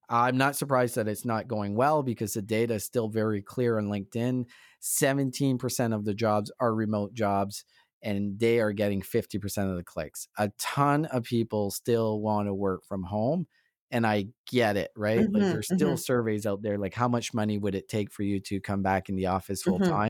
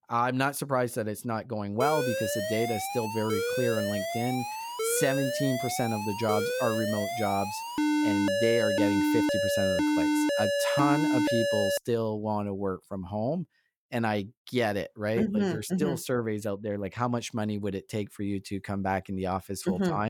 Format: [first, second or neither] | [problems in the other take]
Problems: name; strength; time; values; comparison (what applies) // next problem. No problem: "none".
first | alarm; loud; from 2 to 12 s; peak 5 dB above the speech